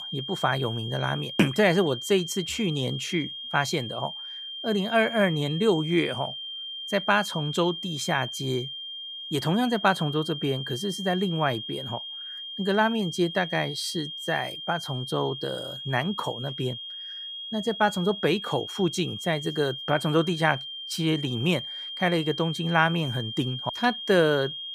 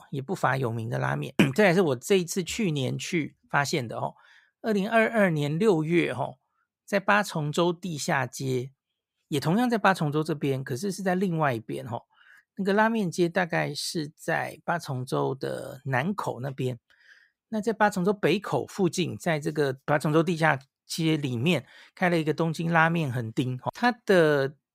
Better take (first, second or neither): second